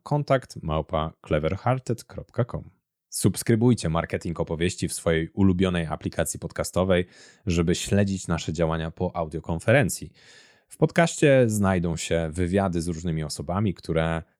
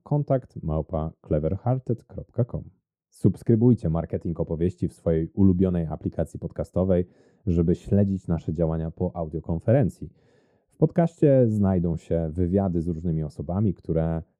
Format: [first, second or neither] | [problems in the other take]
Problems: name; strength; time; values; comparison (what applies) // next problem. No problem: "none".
first | muffled; very; fading above 1 kHz